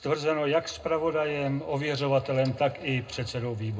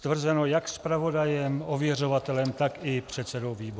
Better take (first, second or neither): second